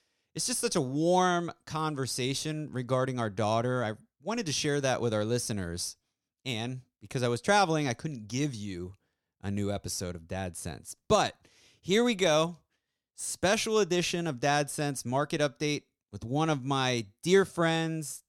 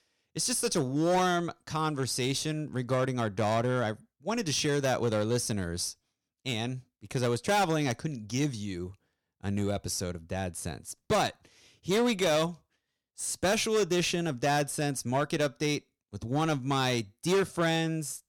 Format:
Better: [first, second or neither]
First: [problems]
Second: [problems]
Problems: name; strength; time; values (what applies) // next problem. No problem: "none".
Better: first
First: none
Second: distortion; slight; 6% of the sound clipped